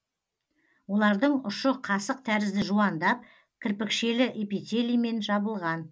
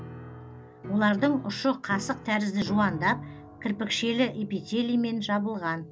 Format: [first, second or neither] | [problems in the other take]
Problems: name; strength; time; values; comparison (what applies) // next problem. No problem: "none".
first | background sound (Piano); 14 dB below the speech